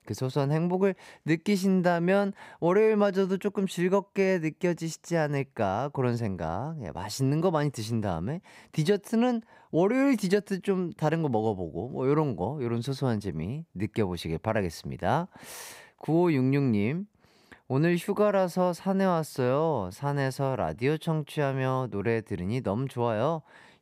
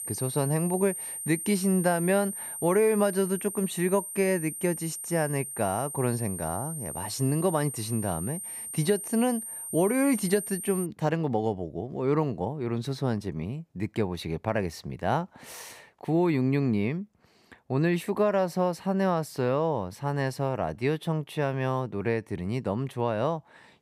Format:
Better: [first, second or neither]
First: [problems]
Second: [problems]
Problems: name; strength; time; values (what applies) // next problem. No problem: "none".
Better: first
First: none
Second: high-pitched whine; loud; until 11 s; 9 kHz, 6 dB below the speech